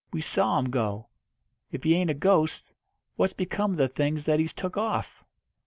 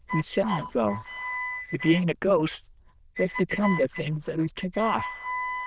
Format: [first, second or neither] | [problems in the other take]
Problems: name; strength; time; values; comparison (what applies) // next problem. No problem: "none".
first | noise reduction (neural diffusion model UNIVERSE++)